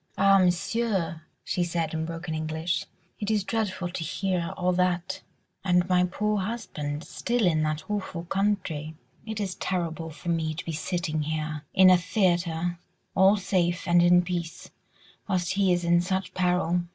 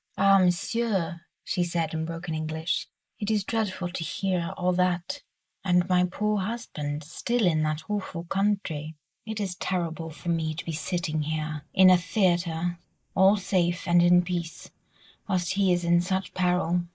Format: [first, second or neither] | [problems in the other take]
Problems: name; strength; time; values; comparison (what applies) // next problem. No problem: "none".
first | noise reduction (neural mask model Resemble Enhance denoiser)